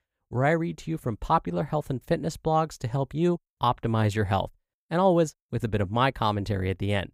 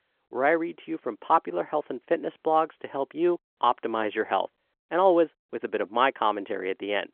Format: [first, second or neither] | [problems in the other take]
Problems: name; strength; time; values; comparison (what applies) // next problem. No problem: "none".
first | phone-call audio; nothing above 3.5 kHz